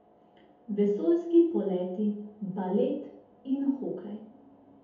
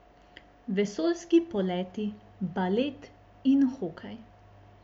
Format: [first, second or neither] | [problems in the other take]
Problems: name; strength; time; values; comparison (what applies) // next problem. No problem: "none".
second | room echo; dies away in 0.7 s